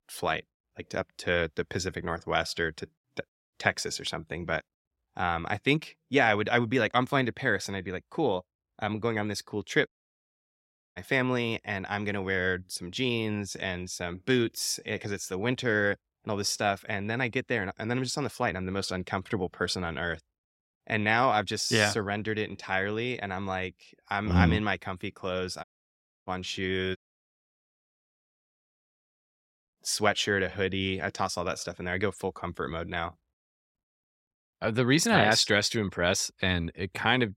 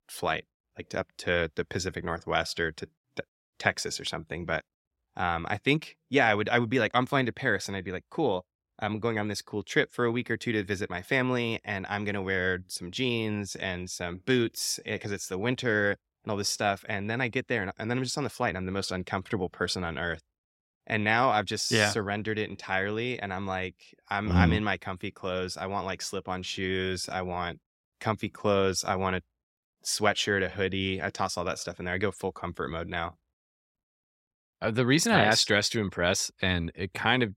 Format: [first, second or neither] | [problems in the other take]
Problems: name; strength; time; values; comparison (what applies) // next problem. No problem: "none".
second | audio cutting out; at 10 s for 1 s, at 26 s for 0.5 s and at 27 s for 2.5 s